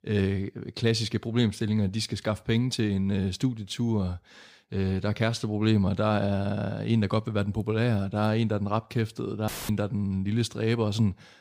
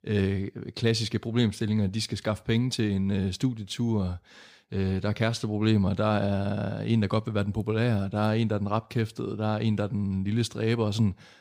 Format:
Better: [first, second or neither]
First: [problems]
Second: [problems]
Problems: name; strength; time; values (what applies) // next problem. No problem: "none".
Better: second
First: audio cutting out; filled with static; at 9.5 s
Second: none